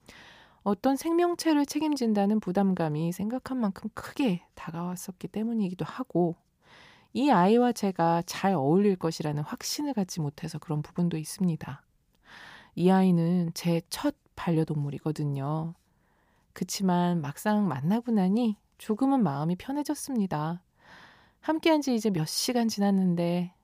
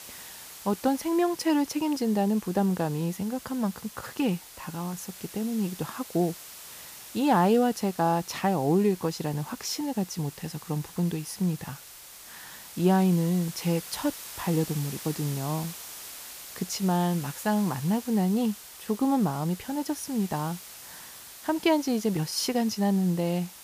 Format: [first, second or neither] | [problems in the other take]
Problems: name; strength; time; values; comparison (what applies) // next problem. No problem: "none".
first | hiss; noticeable; throughout; 15 dB below the speech